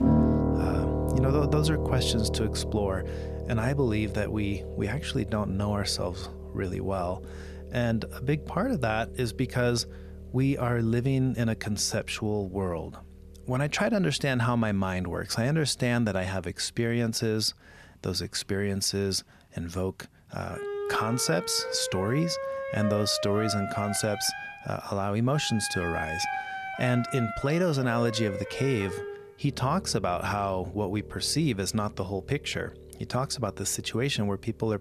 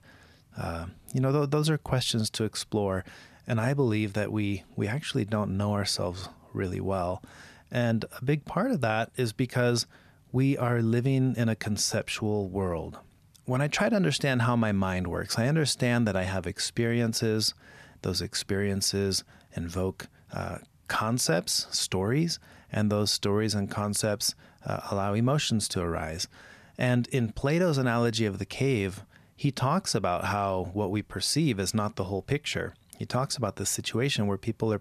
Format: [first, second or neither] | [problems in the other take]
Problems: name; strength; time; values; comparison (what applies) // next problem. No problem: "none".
second | background music; loud; throughout; 6 dB below the speech